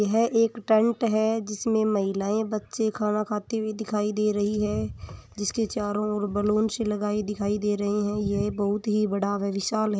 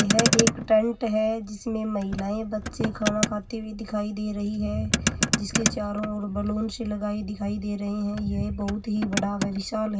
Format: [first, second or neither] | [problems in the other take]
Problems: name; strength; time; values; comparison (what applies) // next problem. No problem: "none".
first | background sound (Motor vehicle (road)); 3 dB below the speech // room echo; dies away in 0.4 s